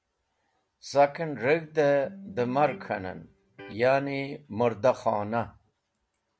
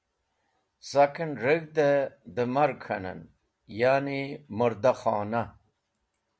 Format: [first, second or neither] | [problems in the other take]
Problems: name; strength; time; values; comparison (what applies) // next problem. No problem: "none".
second | background sound (Electric guitar); 18 dB below the speech